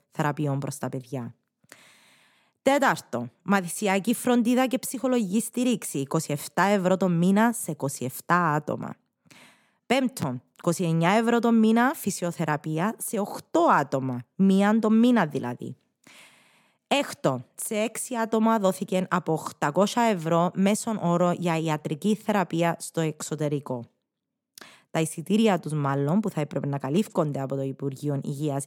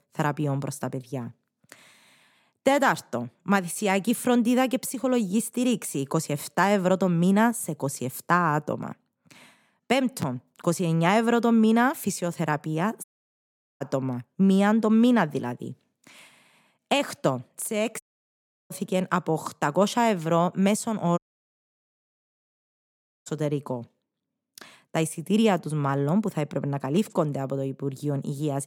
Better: first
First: none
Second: audio cutting out; at 13 s for 1 s, at 18 s for 0.5 s and at 21 s for 2 s

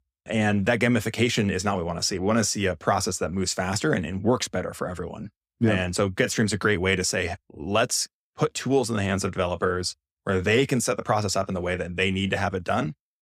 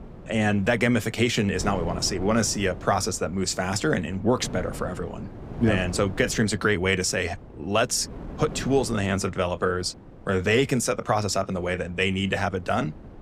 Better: first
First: none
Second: wind noise on the microphone; occasional gusts; 20 dB below the speech

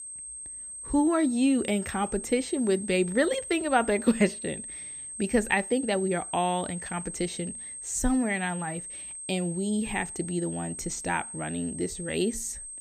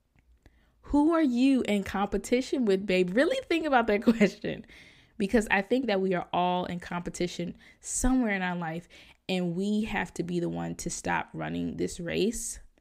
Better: second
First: high-pitched whine; loud; throughout; 8.5 kHz, 9 dB below the speech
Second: none

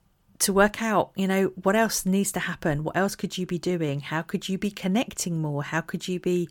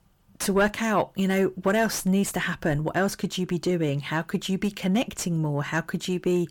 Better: first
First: none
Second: distortion; slight; 10 dB below the speech

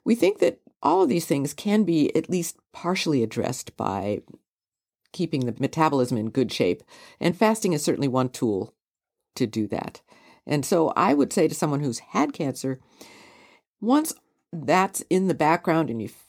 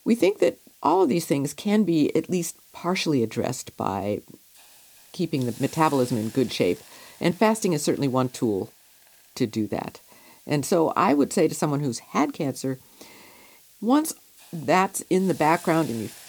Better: first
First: none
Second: hiss; faint; throughout; 25 dB below the speech

